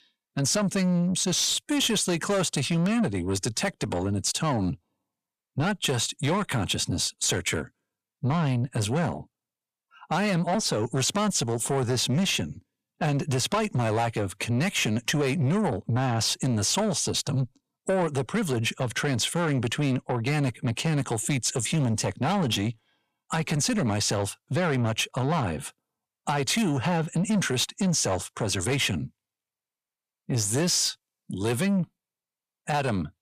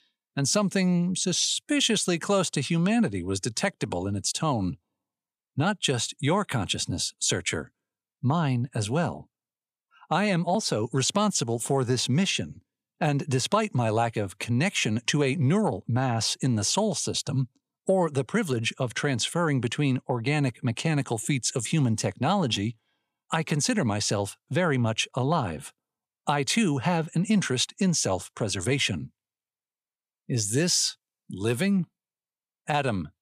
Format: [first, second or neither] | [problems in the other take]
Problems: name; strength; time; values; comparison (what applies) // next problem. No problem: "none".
second | distortion; slight; 10 dB below the speech